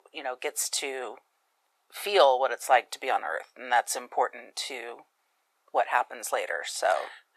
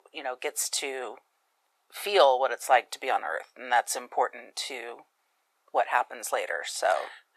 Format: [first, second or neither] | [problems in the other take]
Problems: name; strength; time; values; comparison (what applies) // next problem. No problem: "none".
neither | thin; very; fading below 450 Hz; the same in both